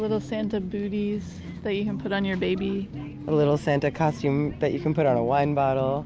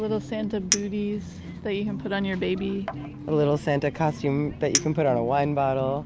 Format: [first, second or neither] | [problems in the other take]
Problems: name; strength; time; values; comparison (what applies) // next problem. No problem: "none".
first | background sound (Chink, clink); 11 dB below the speech